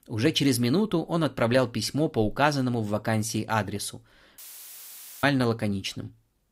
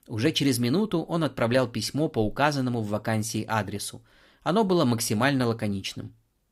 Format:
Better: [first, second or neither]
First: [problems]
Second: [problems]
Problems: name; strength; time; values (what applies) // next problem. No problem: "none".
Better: second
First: audio cutting out; filled with static; at 4.5 s for 1 s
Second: none